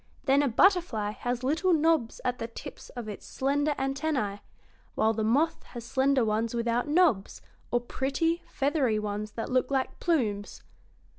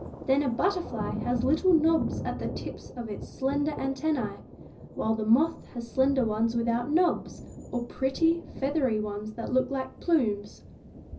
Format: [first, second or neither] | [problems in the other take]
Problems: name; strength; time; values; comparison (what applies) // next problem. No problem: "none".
first | background sound (Thunder); 11 dB below the speech // room echo; dies away in 0.4 s